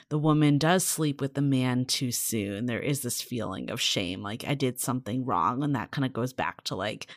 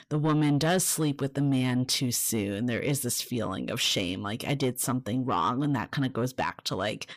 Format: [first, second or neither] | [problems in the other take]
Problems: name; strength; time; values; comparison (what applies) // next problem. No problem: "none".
first | distortion; slight; 10 dB below the speech